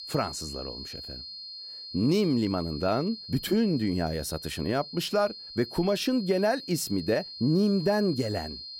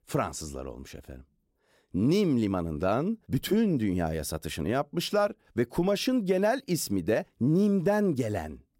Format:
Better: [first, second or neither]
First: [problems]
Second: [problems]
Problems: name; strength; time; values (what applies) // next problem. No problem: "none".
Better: second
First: high-pitched whine; noticeable; throughout; 4.5 kHz, 10 dB below the speech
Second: none